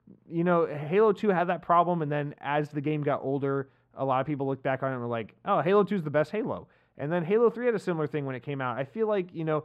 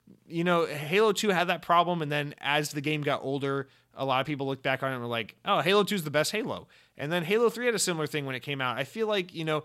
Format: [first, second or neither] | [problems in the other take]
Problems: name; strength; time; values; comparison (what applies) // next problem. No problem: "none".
second | muffled; very; fading above 3 kHz